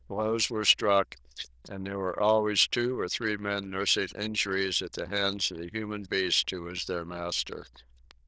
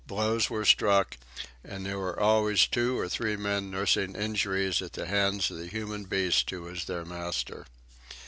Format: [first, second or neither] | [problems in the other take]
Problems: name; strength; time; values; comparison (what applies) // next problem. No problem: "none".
second | noise reduction (neural diffusion model UNIVERSE++)